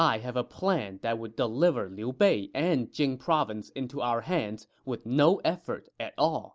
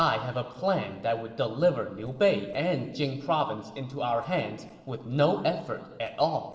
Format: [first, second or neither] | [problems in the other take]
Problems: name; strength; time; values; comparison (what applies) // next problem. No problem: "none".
first | noise reduction (neural separator model SepFormer DNS4)